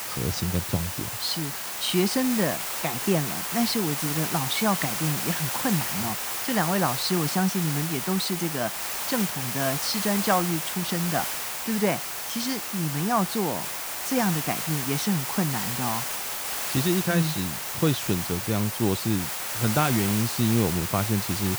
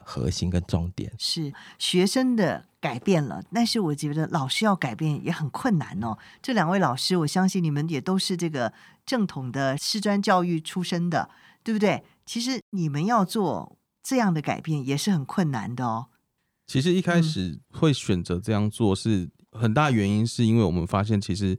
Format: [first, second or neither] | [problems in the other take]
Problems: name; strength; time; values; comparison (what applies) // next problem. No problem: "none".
second | hiss; loud; throughout; 1 dB below the speech